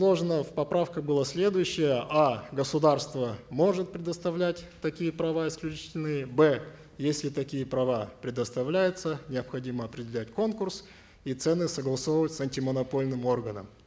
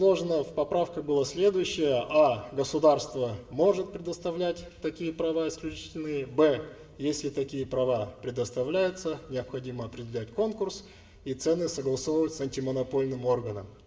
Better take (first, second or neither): first